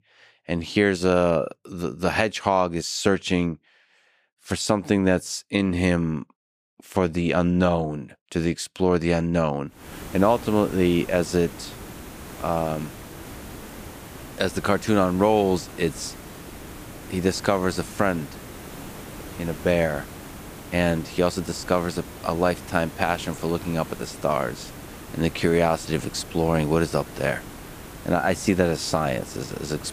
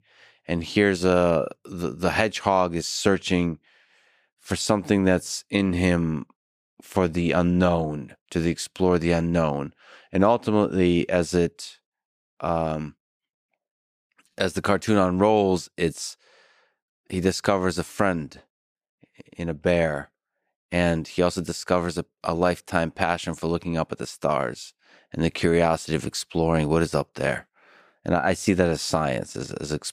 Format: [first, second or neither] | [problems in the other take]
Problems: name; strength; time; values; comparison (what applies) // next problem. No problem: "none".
second | hiss; noticeable; from 10 s on; 15 dB below the speech